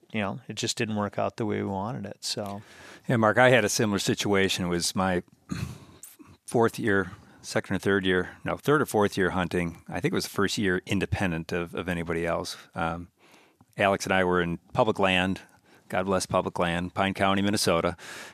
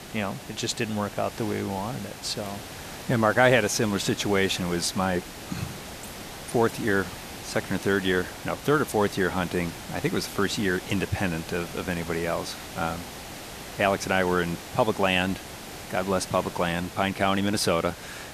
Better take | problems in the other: first | hiss; noticeable; throughout; 10 dB below the speech

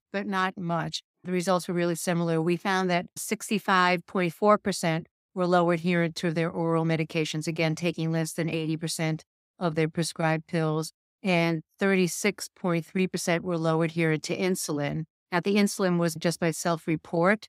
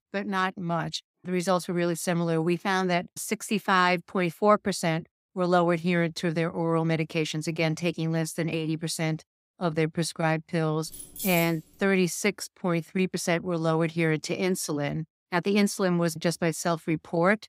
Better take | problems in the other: first | jangling keys; noticeable; at 11 s; peak 5 dB below the speech

